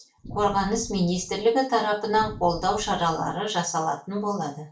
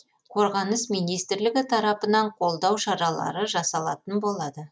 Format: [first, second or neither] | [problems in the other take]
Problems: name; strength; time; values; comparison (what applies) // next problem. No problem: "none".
second | background sound (Boom); 17 dB below the speech // room echo; dies away in 0.3 s